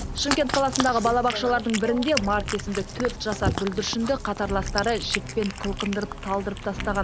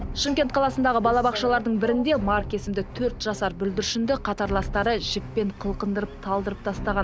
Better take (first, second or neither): second